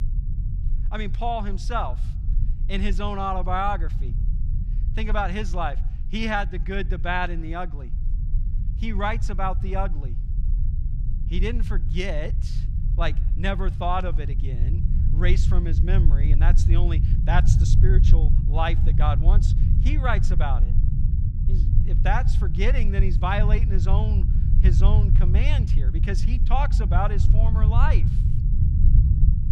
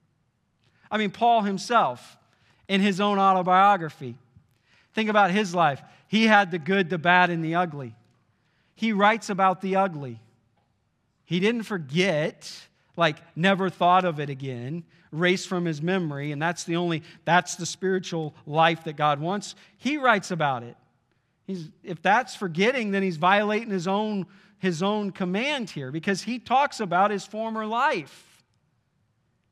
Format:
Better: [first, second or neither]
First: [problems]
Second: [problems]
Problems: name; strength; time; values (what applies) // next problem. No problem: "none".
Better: second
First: low rumble; noticeable; throughout; 10 dB below the speech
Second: none